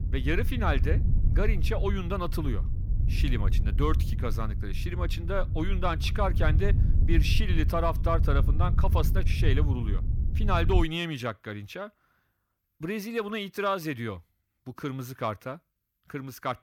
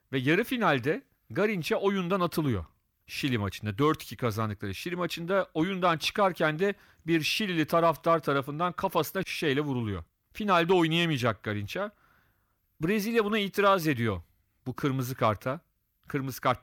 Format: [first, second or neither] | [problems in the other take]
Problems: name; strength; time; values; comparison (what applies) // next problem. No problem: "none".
second | wind noise on the microphone; occasional gusts; until 11 s; 10 dB below the speech